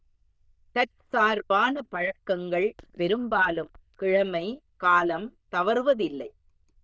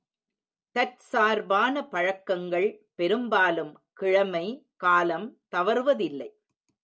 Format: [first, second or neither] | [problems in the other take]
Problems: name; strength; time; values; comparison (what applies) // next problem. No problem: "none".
second | noise reduction (neural diffusion model UNIVERSE++)